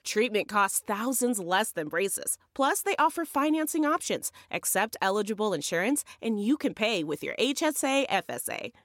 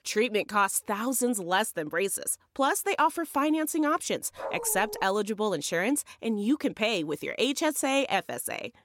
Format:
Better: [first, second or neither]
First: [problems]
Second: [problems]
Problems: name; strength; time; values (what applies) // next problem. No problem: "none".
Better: first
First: none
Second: dog barking; noticeable; at 4.5 s; peak 9 dB below the speech